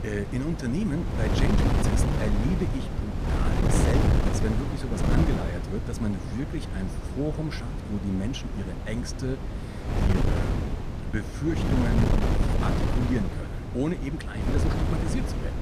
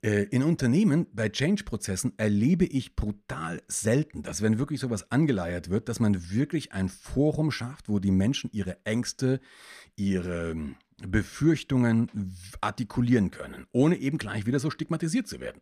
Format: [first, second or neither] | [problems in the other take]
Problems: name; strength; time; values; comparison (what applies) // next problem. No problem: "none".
second | wind noise on the microphone; heavy; 1 dB above the speech